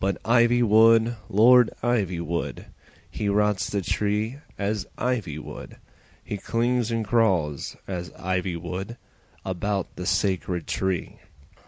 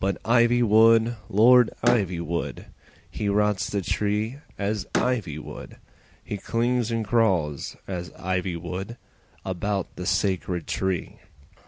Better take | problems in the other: first | background sound (Slam); 12 dB below the speech

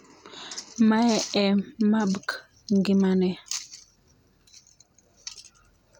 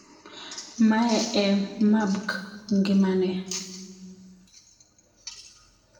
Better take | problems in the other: first | room echo; dies away in 1.3 s

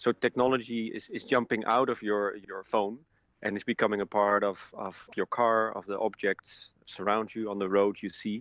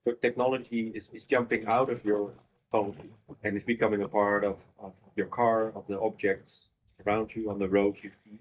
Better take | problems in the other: first | noise reduction (neural mask model DeepFilterNet 3)

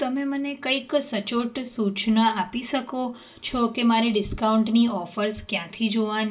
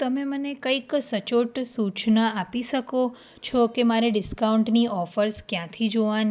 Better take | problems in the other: second | room echo; dies away in 0.2 s

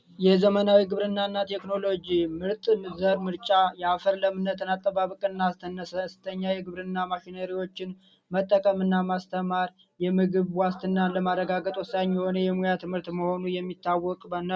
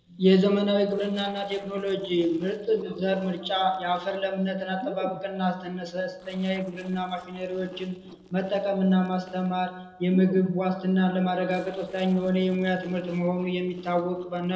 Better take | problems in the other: first | noise reduction (neural separator model SepFormer DNS4)

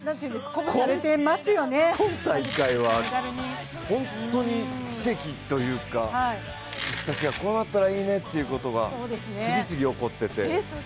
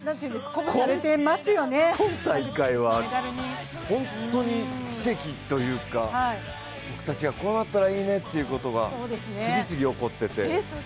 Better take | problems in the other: second | background sound (Domestic sounds, home sounds); 11 dB below the speech

